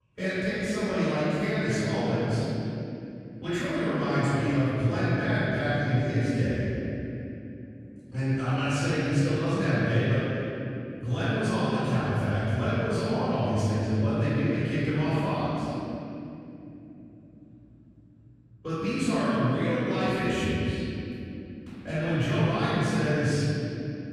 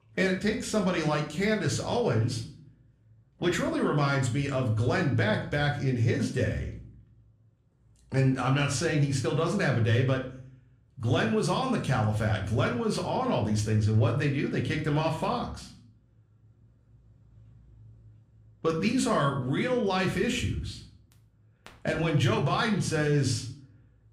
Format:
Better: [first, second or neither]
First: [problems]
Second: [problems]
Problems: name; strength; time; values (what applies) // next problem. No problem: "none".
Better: second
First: room echo; strong; dies away in 3 s // off-mic speech; far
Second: room echo; slight; dies away in 0.4 s // off-mic speech; somewhat distant